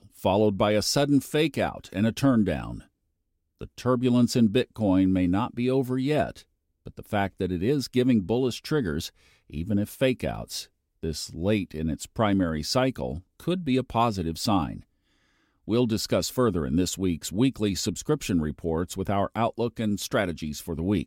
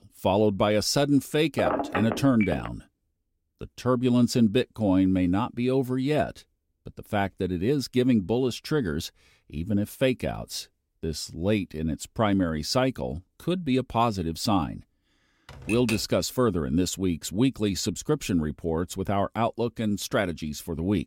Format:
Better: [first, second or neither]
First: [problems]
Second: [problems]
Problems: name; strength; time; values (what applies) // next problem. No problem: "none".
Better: first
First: none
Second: phone ringing; noticeable; from 1.5 to 2.5 s; peak 1 dB below the speech // keyboard typing; noticeable; at 15 s; peak 6 dB below the speech